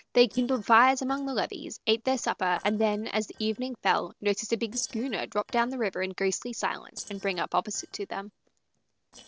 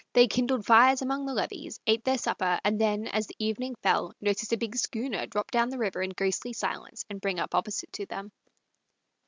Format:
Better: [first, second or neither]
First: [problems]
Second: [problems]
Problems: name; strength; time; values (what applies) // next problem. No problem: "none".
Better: second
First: noise reduction (neural separator model SepFormer DNS4)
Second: none